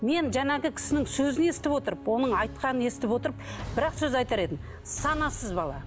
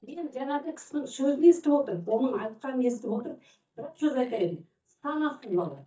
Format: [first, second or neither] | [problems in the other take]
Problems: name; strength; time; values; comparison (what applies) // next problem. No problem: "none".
first | noise reduction (neural mask model DeepFilterNet 3)